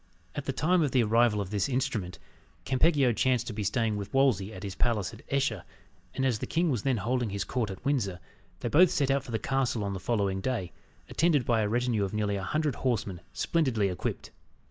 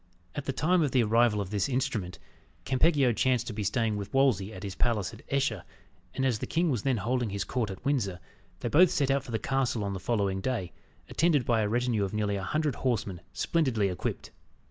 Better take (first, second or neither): second